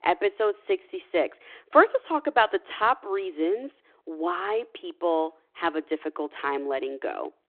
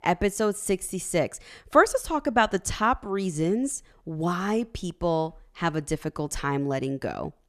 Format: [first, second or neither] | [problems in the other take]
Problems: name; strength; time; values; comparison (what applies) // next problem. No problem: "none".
second | phone-call audio